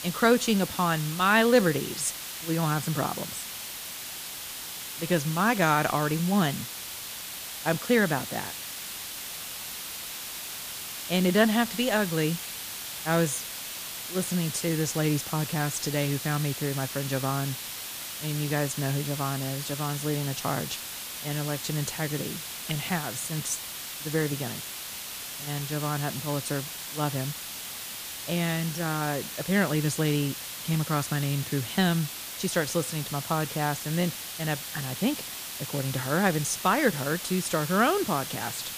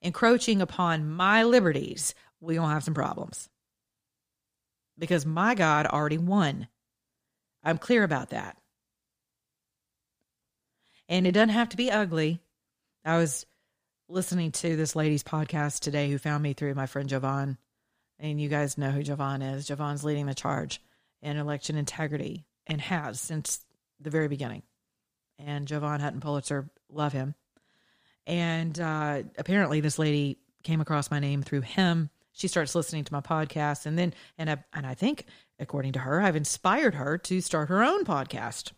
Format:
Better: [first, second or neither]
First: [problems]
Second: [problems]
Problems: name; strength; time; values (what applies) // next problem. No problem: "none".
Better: second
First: hiss; loud; throughout; 7 dB below the speech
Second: none